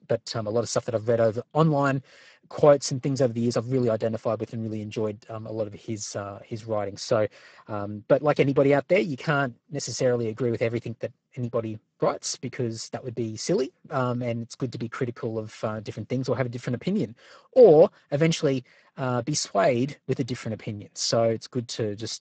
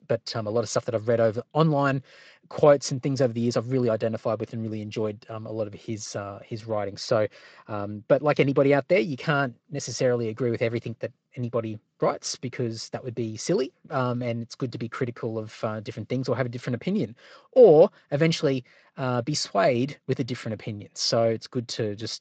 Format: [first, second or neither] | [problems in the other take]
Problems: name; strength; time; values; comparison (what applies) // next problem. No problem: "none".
second | garbled, watery; badly; nothing above 7.5 kHz; slightly in the second